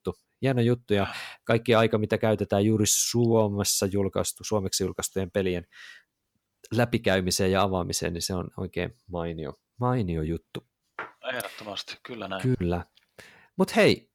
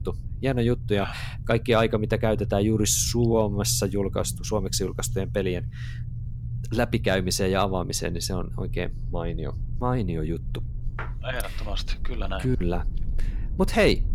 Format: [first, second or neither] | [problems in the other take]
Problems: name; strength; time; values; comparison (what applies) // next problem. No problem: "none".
first | low rumble; faint; throughout; 20 dB below the speech